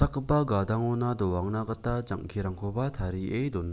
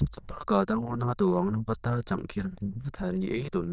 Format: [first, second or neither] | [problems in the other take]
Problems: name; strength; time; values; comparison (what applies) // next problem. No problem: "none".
first | noise reduction (neural diffusion model UNIVERSE++)